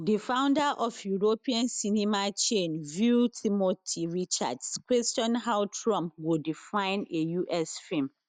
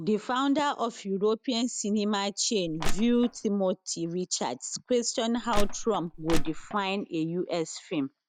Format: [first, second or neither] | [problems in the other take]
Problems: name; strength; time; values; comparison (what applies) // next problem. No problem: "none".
first | background sound (Crushing); 1 dB above the speech